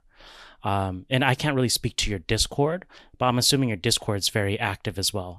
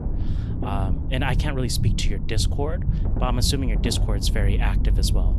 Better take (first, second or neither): first